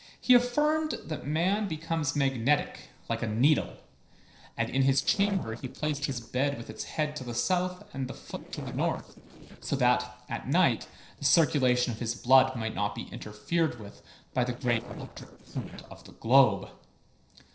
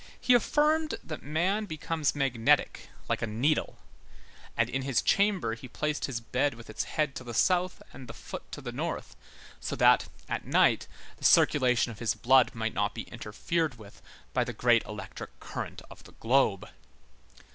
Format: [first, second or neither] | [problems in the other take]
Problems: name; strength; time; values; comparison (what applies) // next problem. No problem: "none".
second | noise reduction (neural separator model SepFormer DNS4)